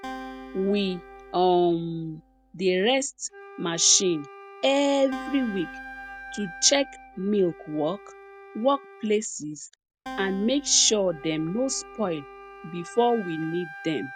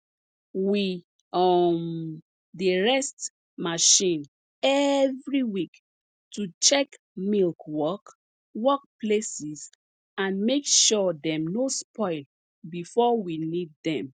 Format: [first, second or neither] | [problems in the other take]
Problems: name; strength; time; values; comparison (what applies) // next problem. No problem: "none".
second | background sound (Wind instrument, woodwind instrument + Acoustic guitar); 16 dB below the speech